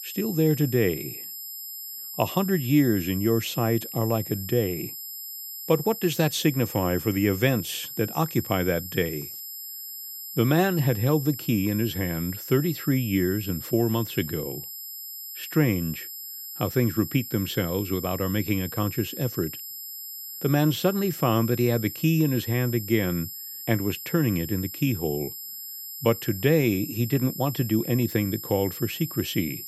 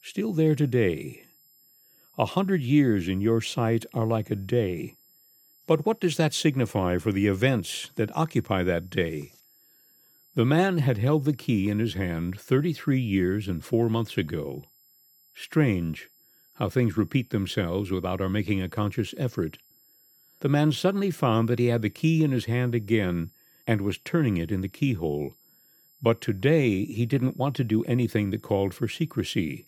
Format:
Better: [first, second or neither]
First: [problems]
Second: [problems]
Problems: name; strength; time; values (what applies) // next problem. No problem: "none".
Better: second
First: high-pitched whine; loud; throughout; 12 kHz, 9 dB below the speech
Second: high-pitched whine; faint; throughout; 12 kHz, 30 dB below the speech